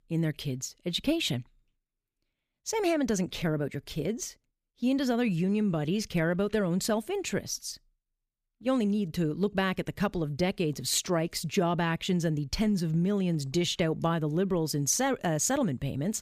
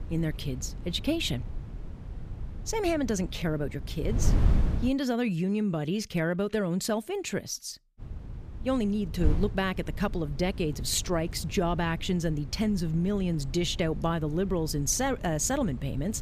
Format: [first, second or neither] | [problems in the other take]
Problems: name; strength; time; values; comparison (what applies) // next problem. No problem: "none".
first | wind noise on the microphone; occasional gusts; until 5 s and from 8 s on; 15 dB below the speech